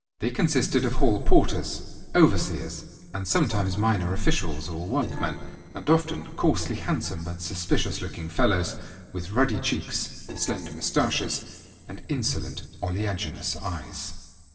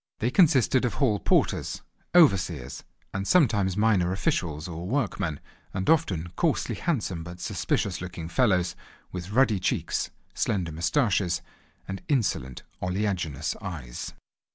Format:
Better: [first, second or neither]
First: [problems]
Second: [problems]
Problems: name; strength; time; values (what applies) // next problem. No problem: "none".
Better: second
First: noise reduction (neural separator model SepFormer DNS4)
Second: none